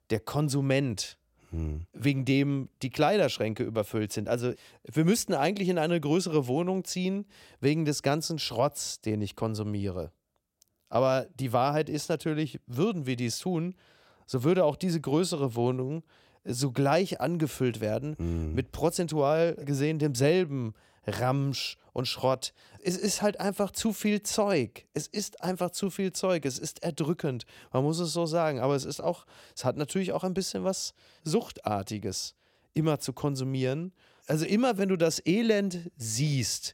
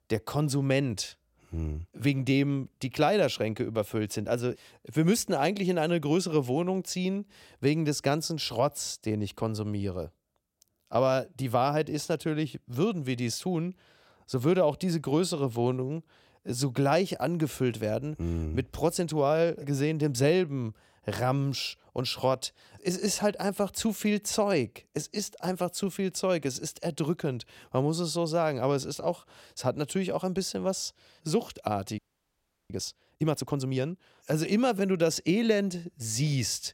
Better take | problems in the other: first | audio freezing; at 32 s for 0.5 s

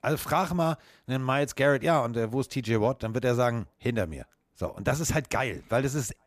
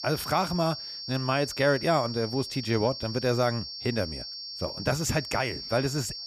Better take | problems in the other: first | high-pitched whine; loud; throughout; 5.5 kHz, 7 dB below the speech

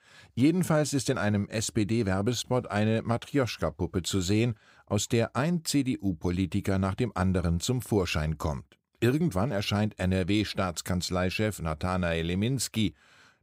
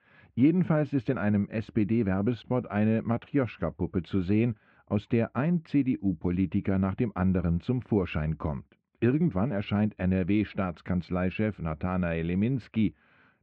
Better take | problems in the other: first | muffled; very; fading above 2.5 kHz

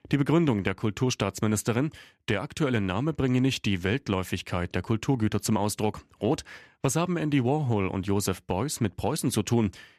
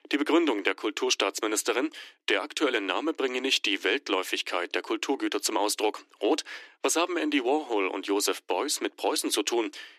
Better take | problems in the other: first | thin; somewhat; fading below 300 Hz

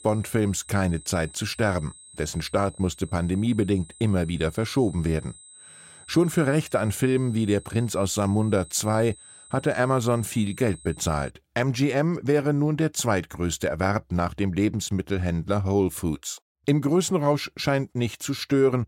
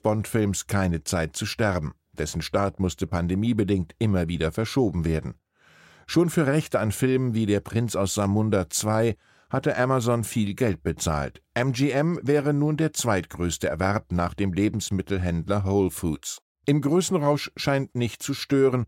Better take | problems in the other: second | high-pitched whine; faint; until 11 s; 8 kHz, 20 dB below the speech

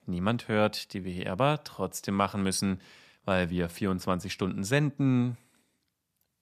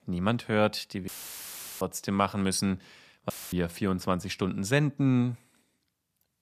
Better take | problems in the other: first | audio cutting out; filled with static; at 1 s for 0.5 s and at 3.5 s

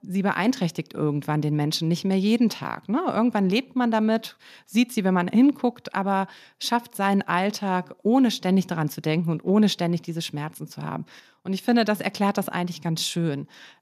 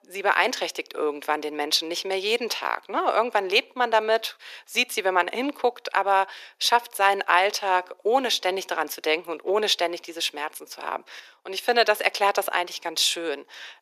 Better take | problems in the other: first | thin; very; fading below 400 Hz

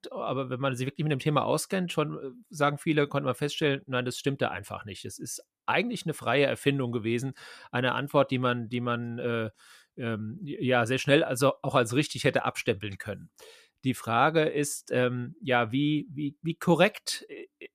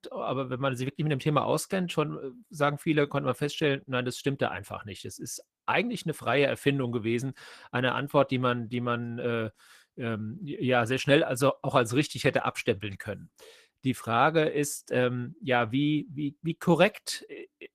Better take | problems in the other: first | garbled, watery; slightly; nothing above 14.5 kHz

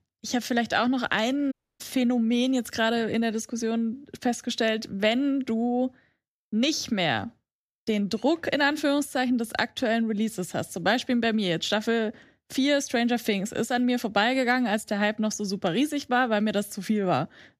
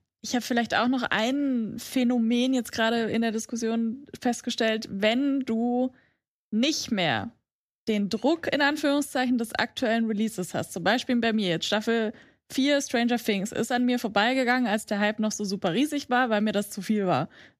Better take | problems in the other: second | audio cutting out; at 1.5 s

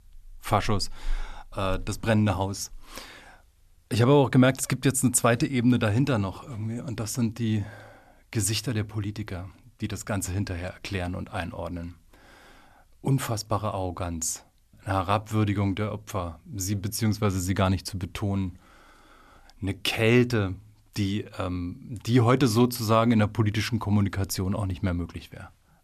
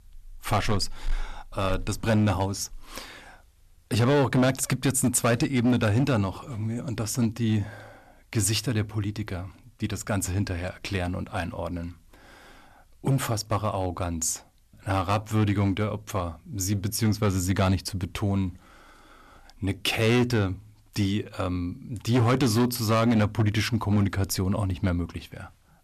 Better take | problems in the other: first | distortion; slight; 5% of the sound clipped

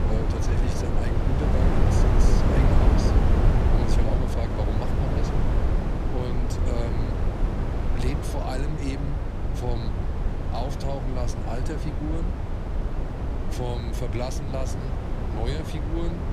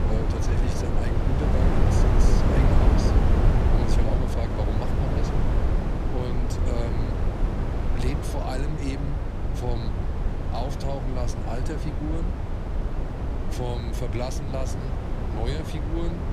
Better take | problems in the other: neither | wind noise on the microphone; heavy; 3 dB above the speech; the same in both

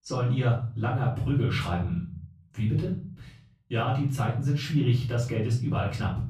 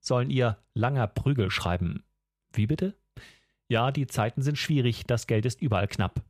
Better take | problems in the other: second | off-mic speech; far // room echo; slight; dies away in 0.5 s

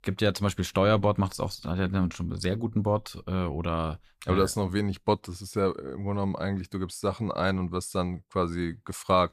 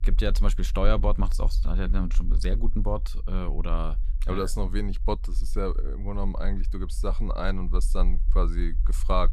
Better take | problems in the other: first | low rumble; faint; throughout; 20 dB below the speech

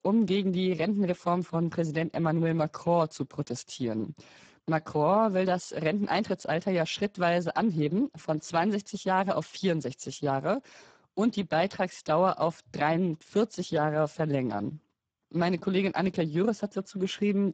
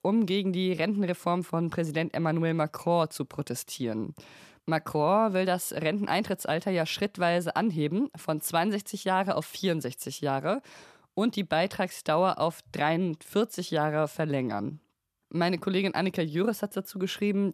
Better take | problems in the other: second | garbled, watery; badly; nothing above 7.5 kHz

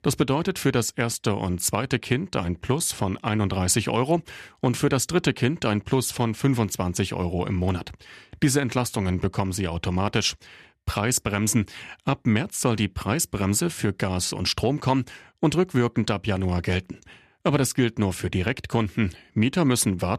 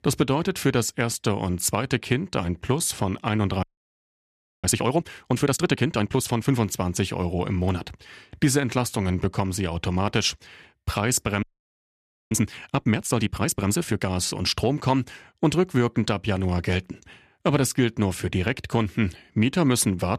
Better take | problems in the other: first | audio freezing; at 3.5 s for 1 s and at 11 s for 1 s

